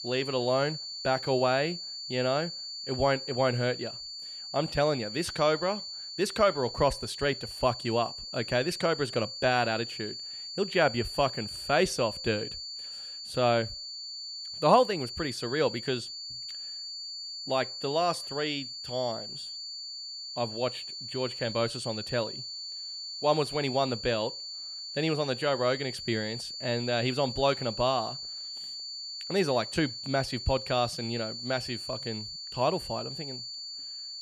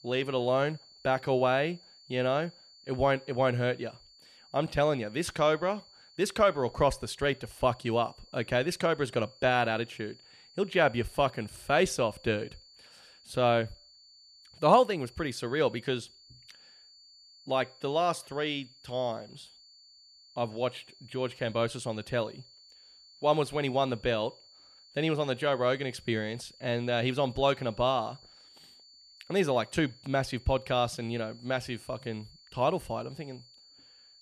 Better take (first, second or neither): second